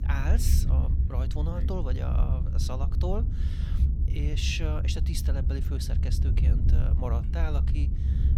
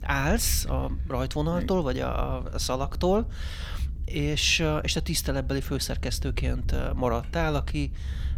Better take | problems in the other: second | low rumble; loud; throughout; 5 dB below the speech; faint in the second

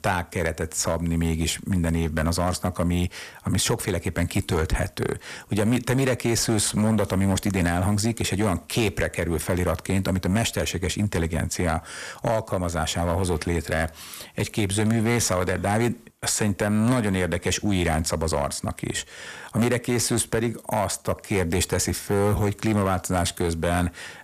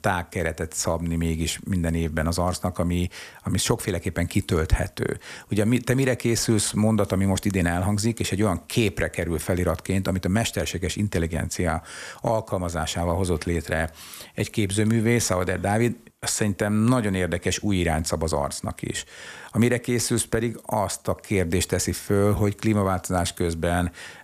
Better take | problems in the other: second | distortion; slight; 7% of the sound clipped

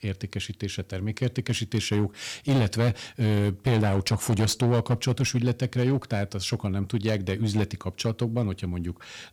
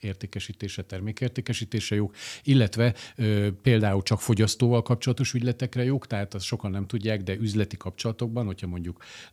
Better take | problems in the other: second | distortion; slight; 9% of the sound clipped

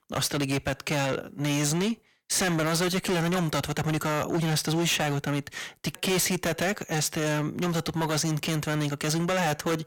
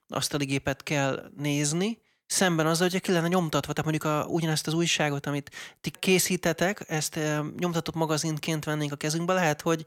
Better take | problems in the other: second | distortion; heavy; 20% of the sound clipped

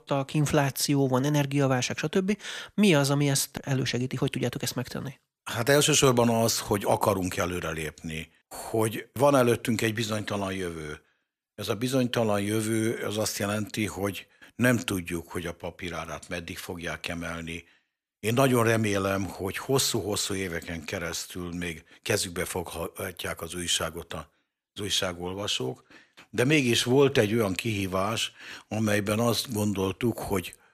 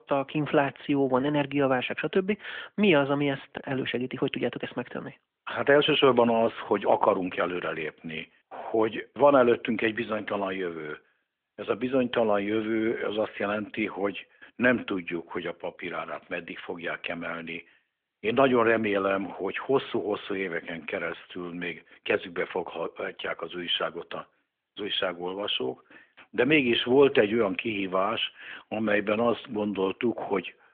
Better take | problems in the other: first | phone-call audio; nothing above 3.5 kHz

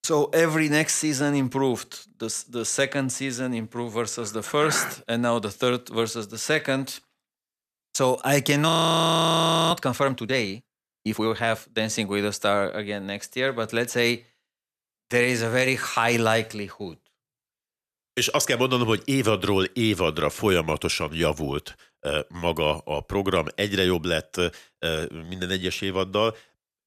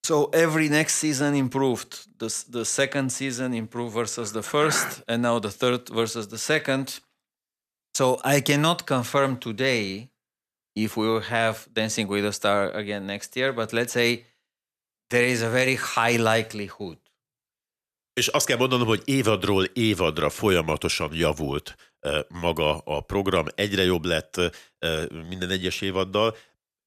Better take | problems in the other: second | audio freezing; at 8.5 s for 1 s

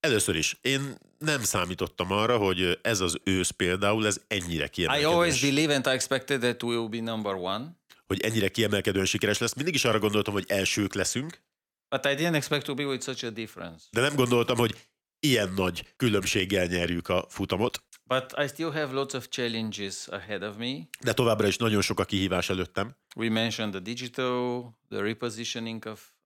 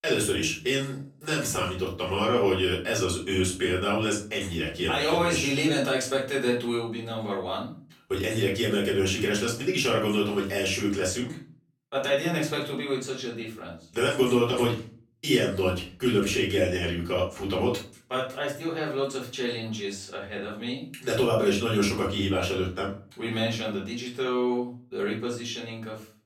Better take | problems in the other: first | off-mic speech; far // room echo; slight; dies away in 0.3 s

